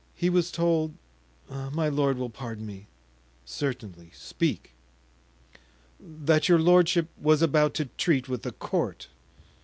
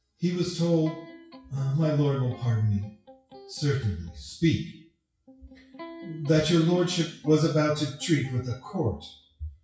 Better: first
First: none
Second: noise reduction (classical method WPE with log-MMSE)

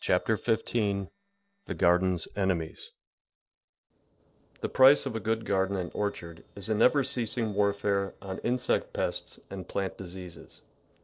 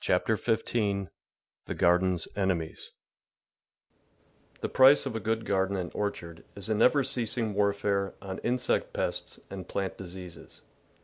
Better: second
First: noise reduction (neural separator model SepFormer DNS4)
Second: none

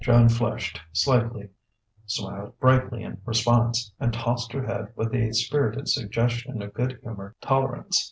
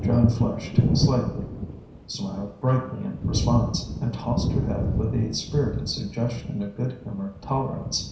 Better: first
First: none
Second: background sound (Thunder); as loud as the speech // room echo; dies away in 0.7 s

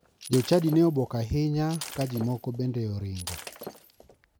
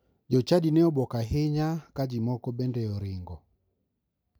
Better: second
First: background sound (Shatter); 16 dB below the speech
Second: none

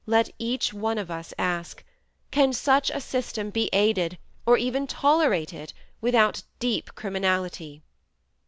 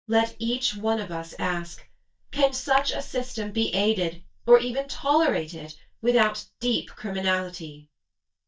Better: first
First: none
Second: noise reduction (neural mask model DeepFilterNet 3)

